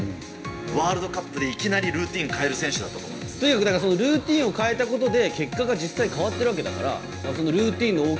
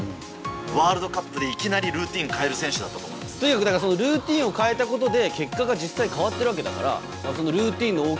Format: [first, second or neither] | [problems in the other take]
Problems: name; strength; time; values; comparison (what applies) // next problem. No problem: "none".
second | room echo; dies away in 1.3 s